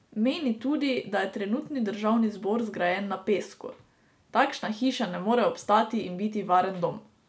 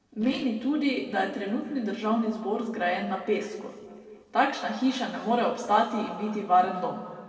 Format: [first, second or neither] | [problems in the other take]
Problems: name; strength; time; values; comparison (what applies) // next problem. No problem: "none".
first | noise reduction (neural separator model SepFormer DNS4)